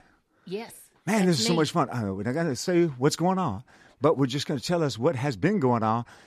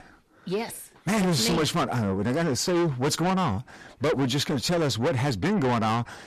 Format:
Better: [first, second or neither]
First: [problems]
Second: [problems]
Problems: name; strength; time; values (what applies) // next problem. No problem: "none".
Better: first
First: none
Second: distortion; heavy; 6 dB below the speech